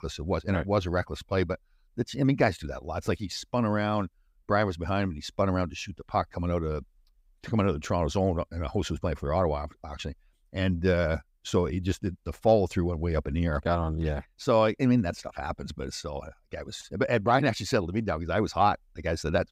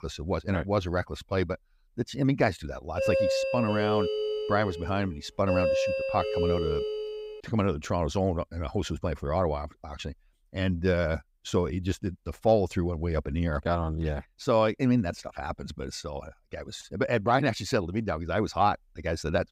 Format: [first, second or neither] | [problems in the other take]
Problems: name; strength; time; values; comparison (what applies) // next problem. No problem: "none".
first | doorbell; loud; from 3 to 7.5 s; peak 4 dB above the speech